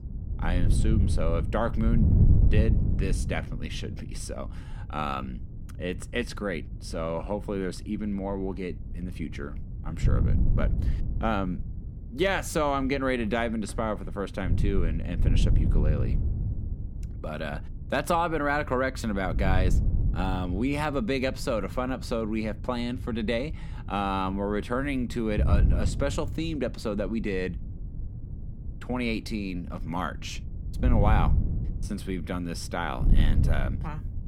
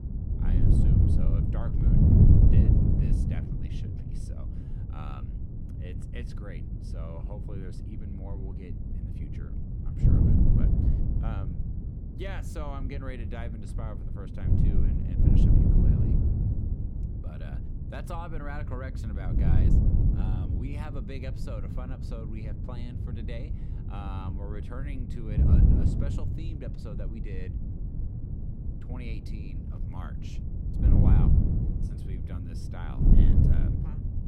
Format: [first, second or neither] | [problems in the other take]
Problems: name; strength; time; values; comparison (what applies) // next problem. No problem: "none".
first | wind noise on the microphone; heavy; 5 dB above the speech; occasional gusts in the first